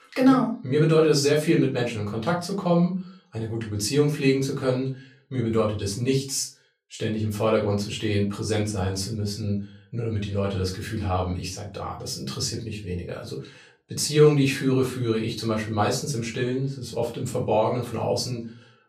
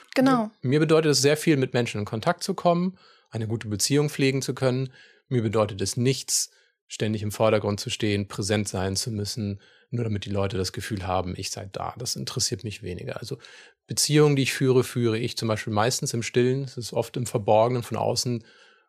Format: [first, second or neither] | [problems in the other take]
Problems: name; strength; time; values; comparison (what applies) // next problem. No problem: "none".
second | off-mic speech; far // room echo; slight; dies away in 0.3 s